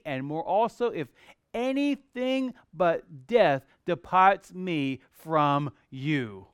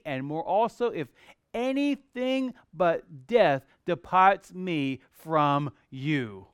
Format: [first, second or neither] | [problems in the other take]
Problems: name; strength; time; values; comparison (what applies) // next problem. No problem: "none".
neither | none